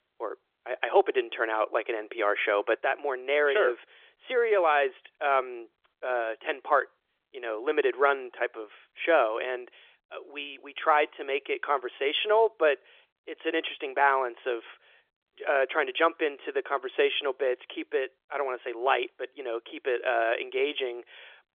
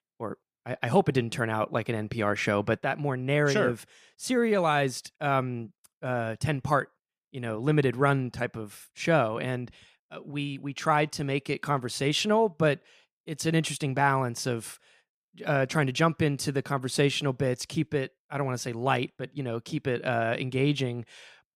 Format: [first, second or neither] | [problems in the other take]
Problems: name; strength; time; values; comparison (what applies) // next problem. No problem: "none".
second | phone-call audio; nothing above 3.5 kHz